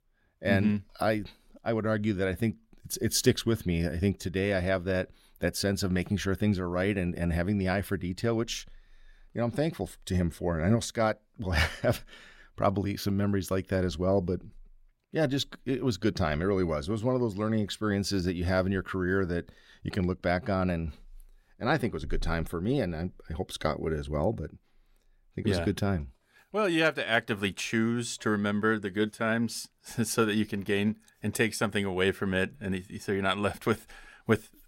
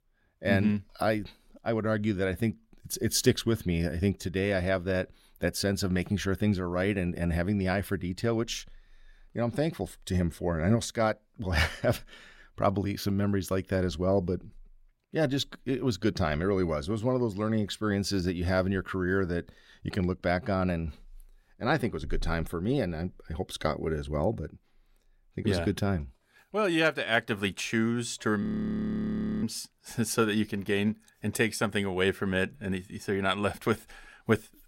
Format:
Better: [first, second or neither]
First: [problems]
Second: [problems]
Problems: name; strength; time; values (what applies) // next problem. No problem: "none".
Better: first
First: none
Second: audio freezing; at 28 s for 1 s